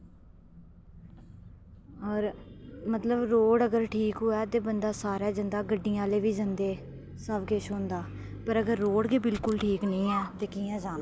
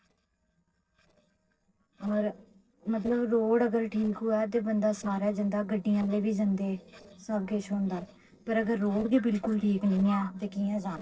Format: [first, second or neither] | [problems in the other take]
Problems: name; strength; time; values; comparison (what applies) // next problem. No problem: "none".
first | noise reduction (neural separator model SepFormer DNS4)